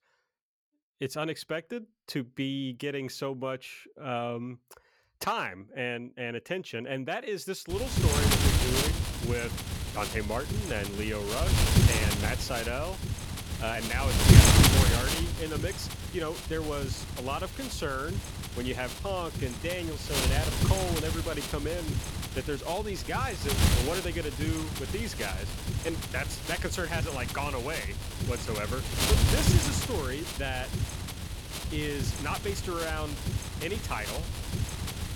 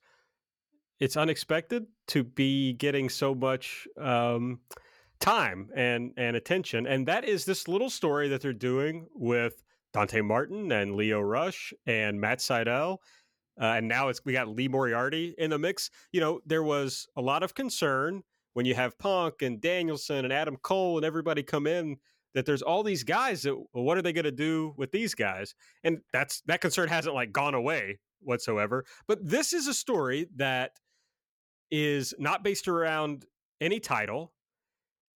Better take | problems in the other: second | wind noise on the microphone; heavy; from 7.5 s on; 1 dB above the speech

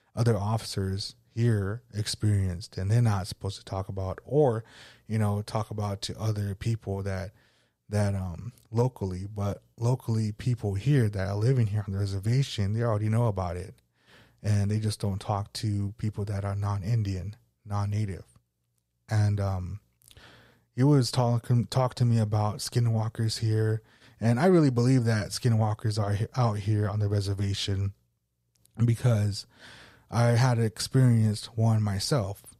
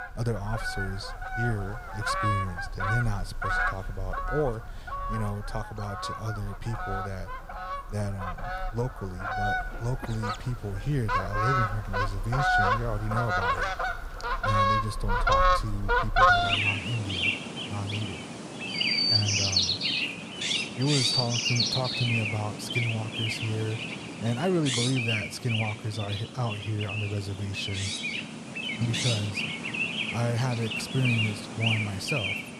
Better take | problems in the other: first | animal sounds; very loud; throughout; 4 dB above the speech

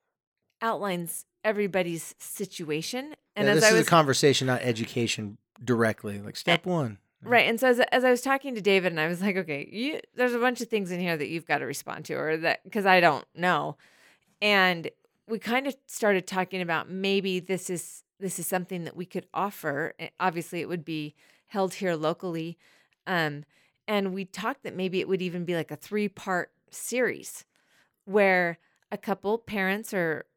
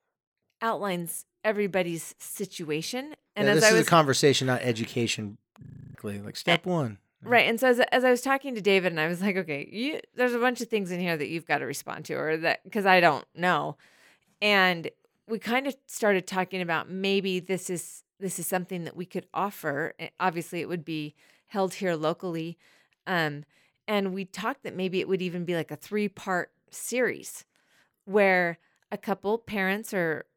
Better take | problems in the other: first | audio freezing; at 5.5 s

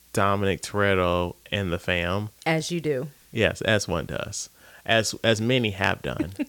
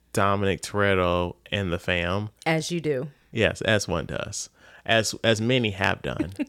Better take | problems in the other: second | hiss; faint; throughout; 30 dB below the speech

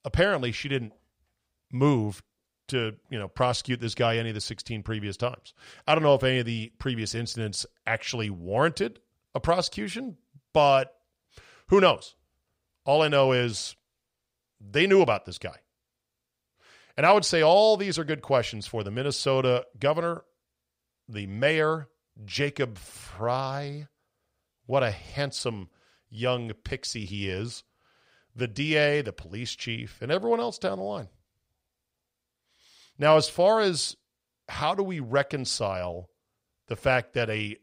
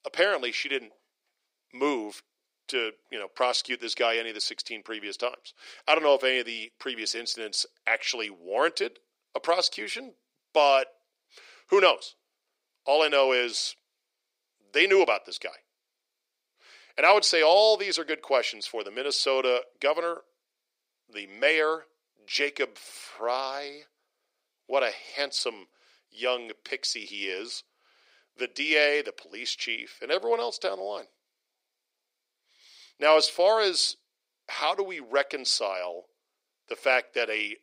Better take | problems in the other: first | thin; somewhat; fading below 300 Hz

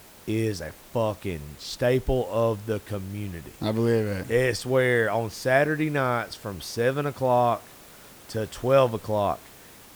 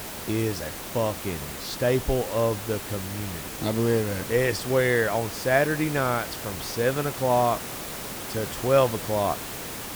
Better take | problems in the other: first | hiss; loud; throughout; 7 dB below the speech; faint in the first

